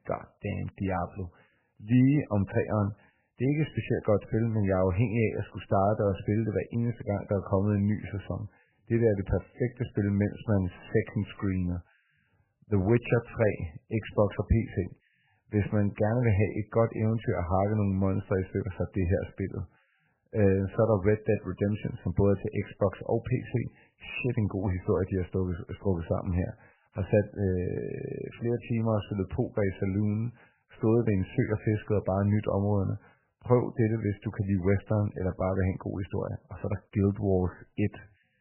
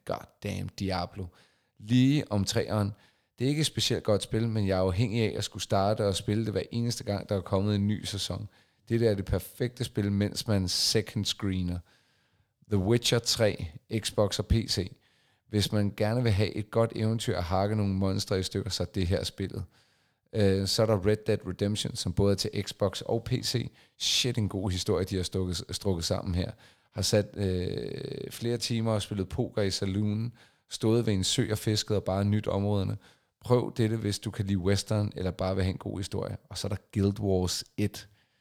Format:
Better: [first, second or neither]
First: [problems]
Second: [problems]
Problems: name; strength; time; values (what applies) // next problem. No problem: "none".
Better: second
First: garbled, watery; badly; nothing above 3 kHz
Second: none